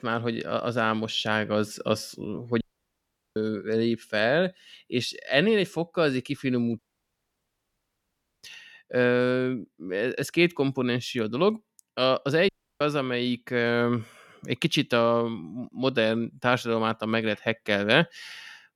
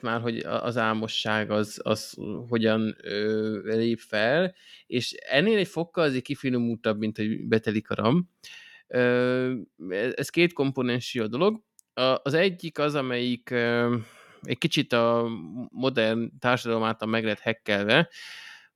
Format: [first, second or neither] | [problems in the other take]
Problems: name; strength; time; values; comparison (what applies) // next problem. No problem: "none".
second | audio cutting out; at 2.5 s for 1 s, at 7 s for 1.5 s and at 12 s